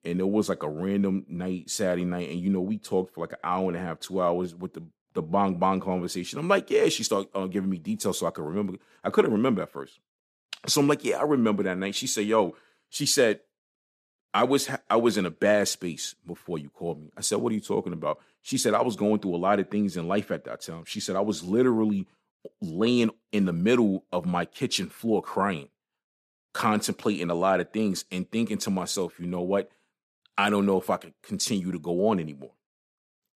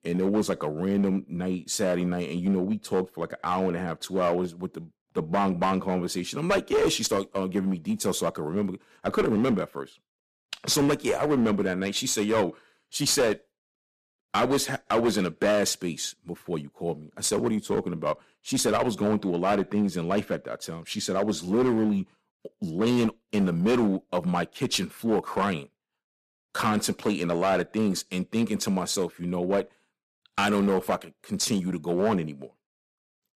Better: first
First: none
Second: distortion; slight; 7% of the sound clipped

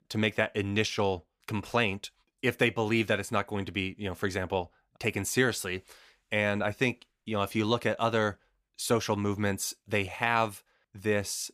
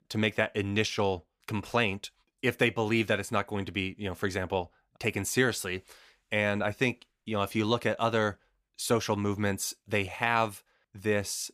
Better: neither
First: none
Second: none

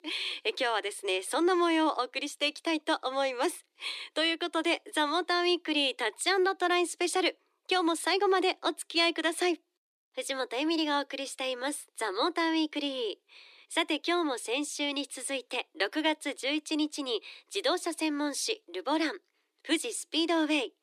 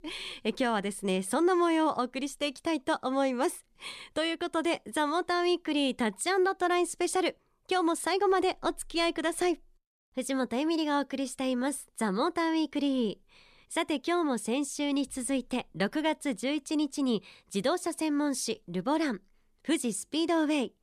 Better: second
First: thin; somewhat; fading below 300 Hz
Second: none

